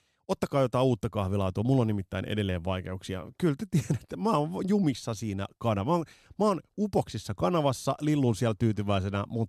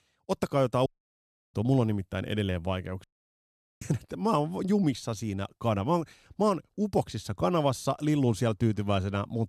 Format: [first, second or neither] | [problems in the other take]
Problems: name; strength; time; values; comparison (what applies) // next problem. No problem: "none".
first | audio cutting out; at 1 s for 0.5 s and at 3 s for 1 s